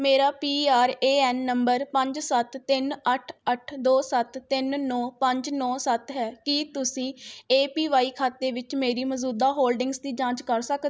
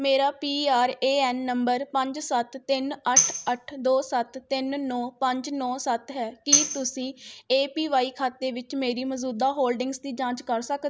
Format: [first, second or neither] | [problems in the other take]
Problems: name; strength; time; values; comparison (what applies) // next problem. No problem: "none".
first | background sound (Tambourine); 1 dB below the speech